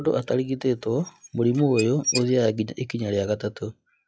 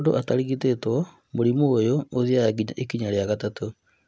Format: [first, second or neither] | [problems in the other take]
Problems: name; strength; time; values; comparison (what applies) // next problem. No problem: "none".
second | noise reduction (classical method log-MMSE)